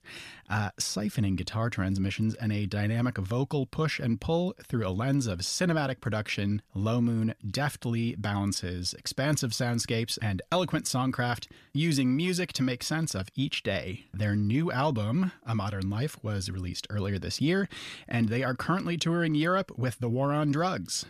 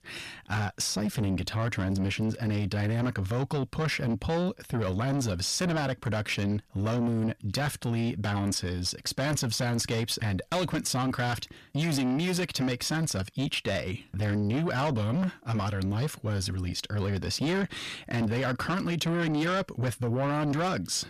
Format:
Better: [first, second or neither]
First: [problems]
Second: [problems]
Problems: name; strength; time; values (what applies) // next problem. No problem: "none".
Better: first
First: none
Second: distortion; slight; 10 dB below the speech